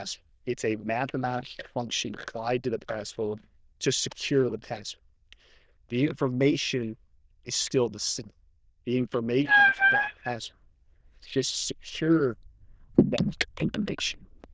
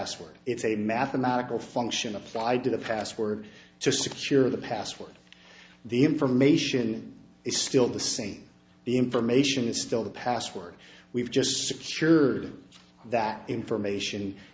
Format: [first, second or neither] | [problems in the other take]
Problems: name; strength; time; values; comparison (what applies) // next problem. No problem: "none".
second | noise reduction (neural diffusion model UNIVERSE++)